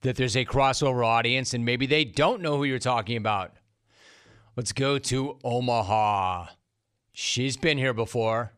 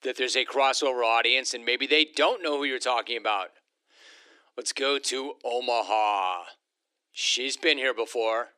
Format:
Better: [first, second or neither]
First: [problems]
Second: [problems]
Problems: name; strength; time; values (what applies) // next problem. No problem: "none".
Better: first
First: none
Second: thin; somewhat; fading below 300 Hz